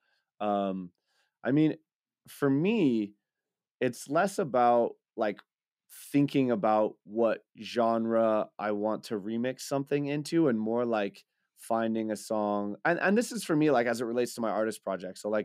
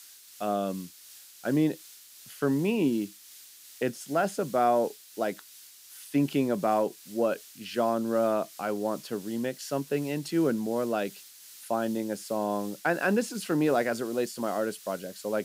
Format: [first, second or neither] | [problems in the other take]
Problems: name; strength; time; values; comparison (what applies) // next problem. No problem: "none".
first | hiss; noticeable; throughout; 20 dB below the speech